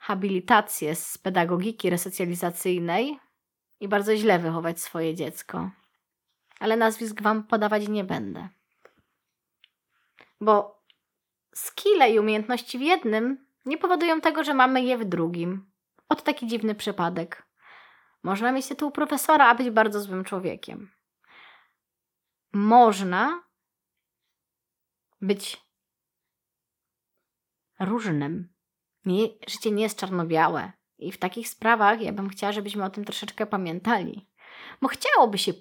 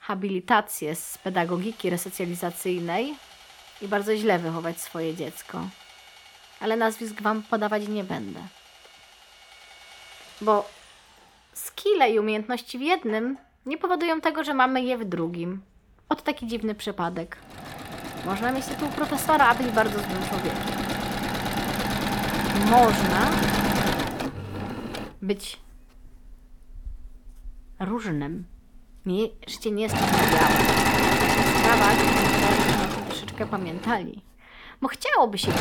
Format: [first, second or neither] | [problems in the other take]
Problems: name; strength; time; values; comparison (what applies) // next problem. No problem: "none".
first | machinery noise; very loud; throughout; 2 dB above the speech